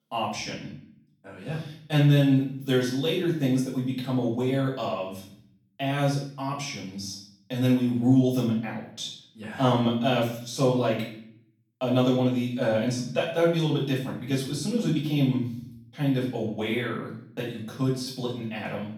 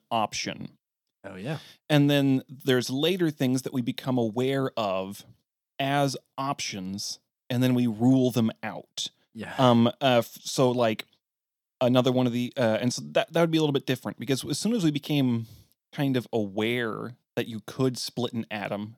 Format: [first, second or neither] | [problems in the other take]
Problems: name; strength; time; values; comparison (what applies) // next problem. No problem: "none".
second | off-mic speech; far // room echo; noticeable; dies away in 0.6 s